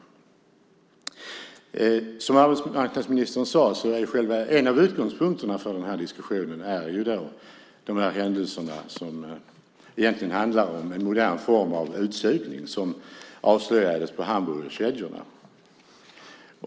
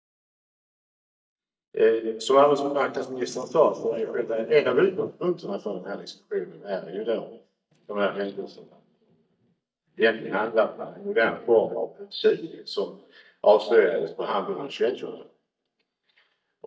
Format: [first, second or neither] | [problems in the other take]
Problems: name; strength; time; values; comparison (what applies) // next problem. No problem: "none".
first | noise reduction (neural mask model DeepFilterNet 3)